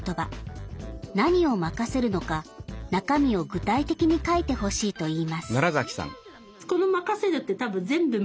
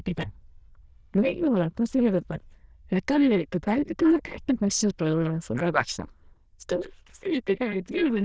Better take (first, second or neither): first